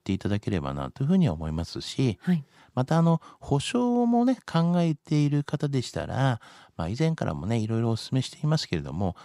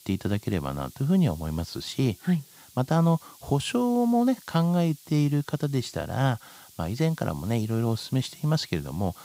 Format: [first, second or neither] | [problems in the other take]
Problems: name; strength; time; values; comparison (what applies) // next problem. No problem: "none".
first | hiss; faint; throughout; 20 dB below the speech